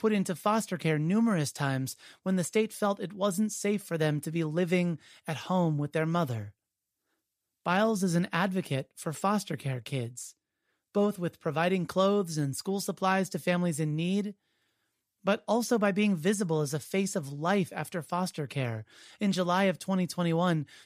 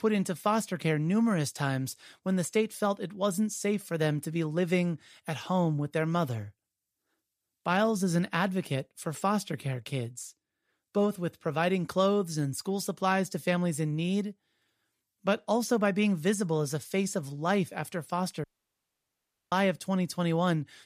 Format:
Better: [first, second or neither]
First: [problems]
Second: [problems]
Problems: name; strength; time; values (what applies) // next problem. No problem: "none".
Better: first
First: none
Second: audio cutting out; at 18 s for 1 s